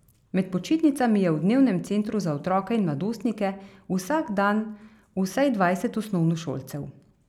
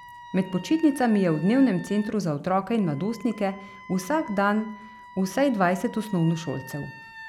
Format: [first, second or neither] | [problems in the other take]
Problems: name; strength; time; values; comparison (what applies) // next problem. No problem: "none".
first | background sound (Wind instrument, woodwind instrument); 19 dB below the speech